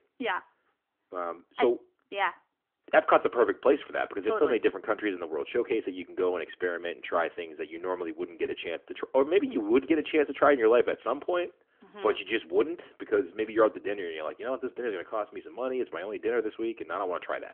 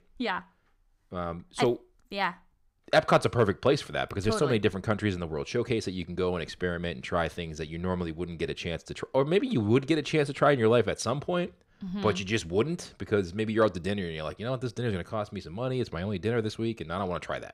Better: second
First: phone-call audio; nothing above 3.5 kHz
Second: none

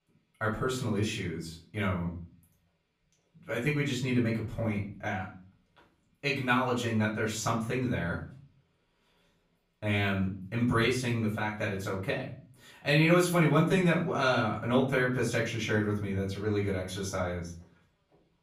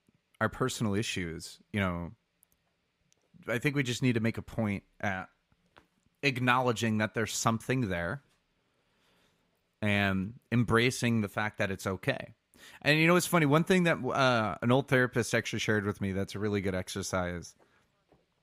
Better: second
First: off-mic speech; far // room echo; slight; dies away in 0.4 s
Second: none

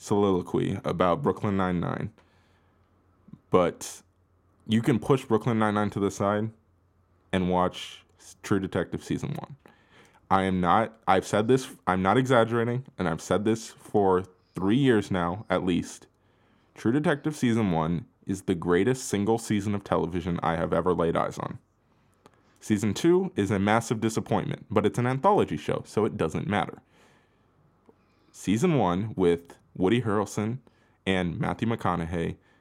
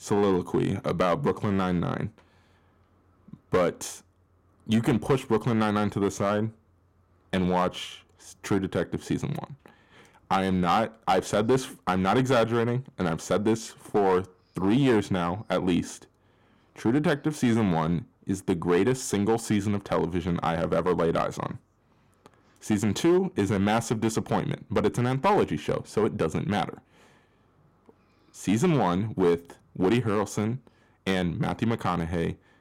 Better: first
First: none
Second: distortion; slight; 4% of the sound clipped

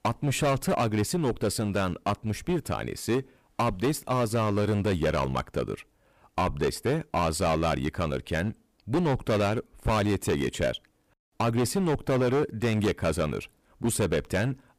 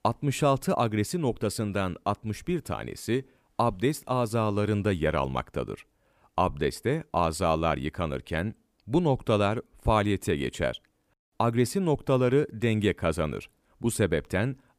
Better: second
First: distortion; heavy; 12% of the sound clipped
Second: none

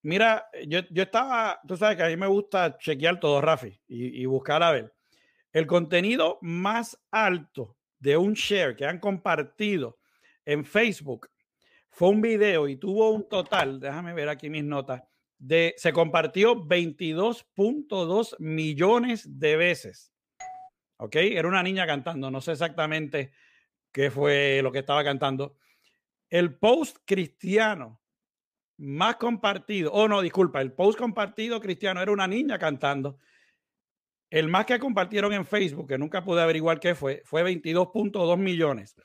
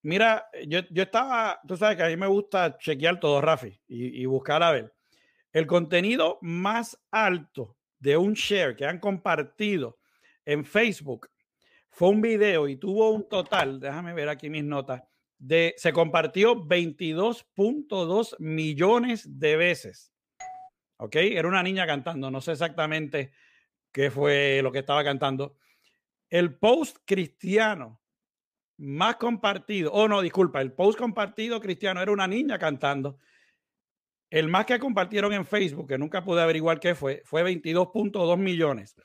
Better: neither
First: phone ringing; noticeable; at 14 s; peak 10 dB below the speech // doorbell; faint; at 20 s; peak 15 dB below the speech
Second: phone ringing; noticeable; at 14 s; peak 10 dB below the speech // doorbell; faint; at 20 s; peak 15 dB below the speech

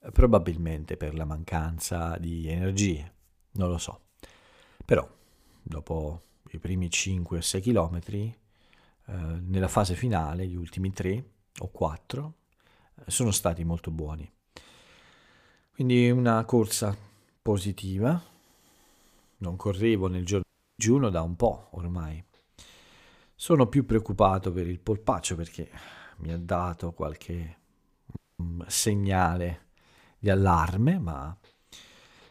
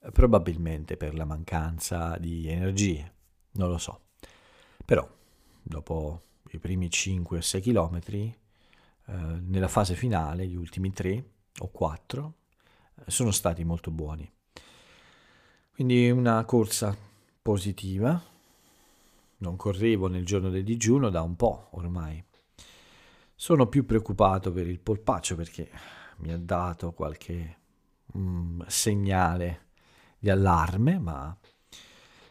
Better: second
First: audio cutting out; at 20 s and at 28 s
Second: none

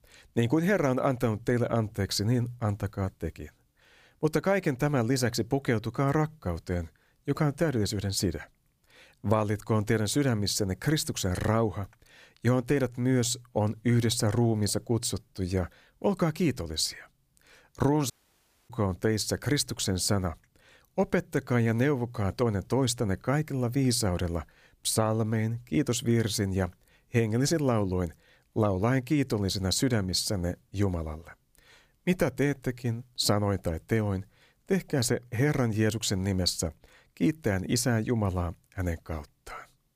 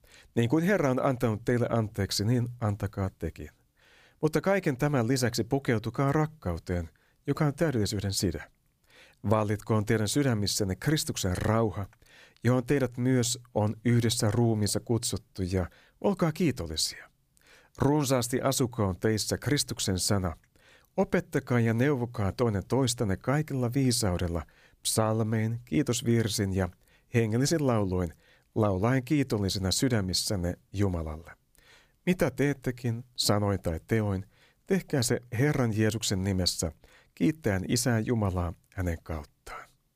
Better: second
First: audio cutting out; at 18 s for 0.5 s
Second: none

